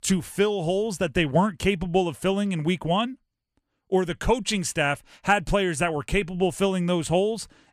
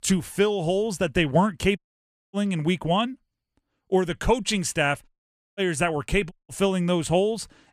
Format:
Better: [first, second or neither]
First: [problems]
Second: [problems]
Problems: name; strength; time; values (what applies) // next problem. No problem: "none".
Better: first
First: none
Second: audio cutting out; at 2 s for 0.5 s, at 5 s and at 6.5 s